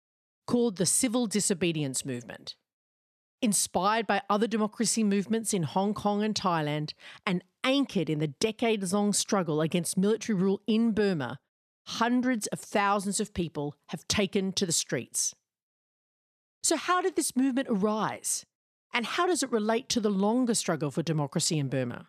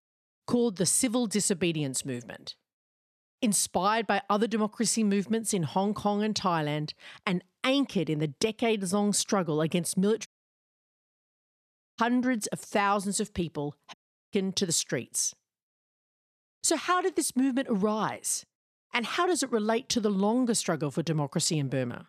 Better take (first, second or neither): first